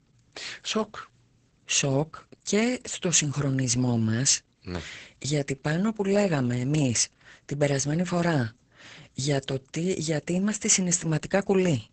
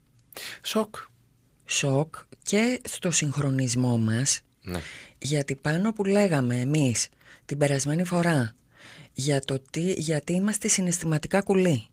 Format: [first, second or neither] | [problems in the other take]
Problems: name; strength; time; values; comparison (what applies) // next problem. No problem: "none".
second | garbled, watery; badly; nothing above 8 kHz; slightly in the second